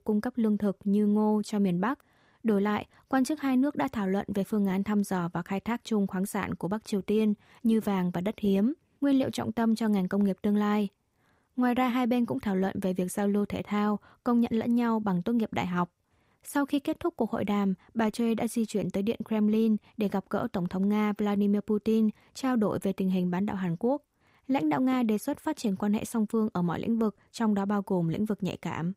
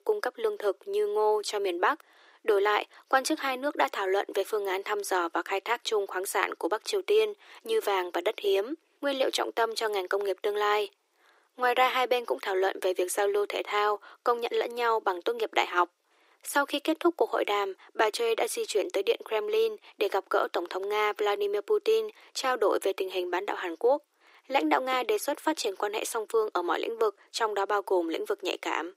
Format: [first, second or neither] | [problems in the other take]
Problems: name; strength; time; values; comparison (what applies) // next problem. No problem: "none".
first | thin; very; fading below 300 Hz